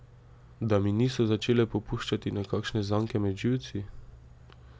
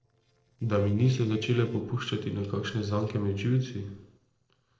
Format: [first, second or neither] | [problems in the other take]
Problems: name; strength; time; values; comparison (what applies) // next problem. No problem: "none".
first | noise reduction (neural separator model SepFormer DNS4)